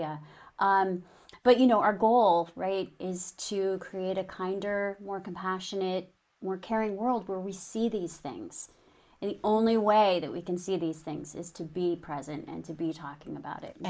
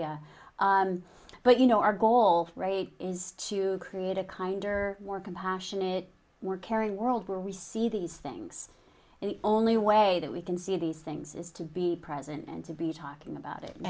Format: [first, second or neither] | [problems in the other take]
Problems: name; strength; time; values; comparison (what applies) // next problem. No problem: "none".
second | noise reduction (neural mask model Resemble Enhance denoiser)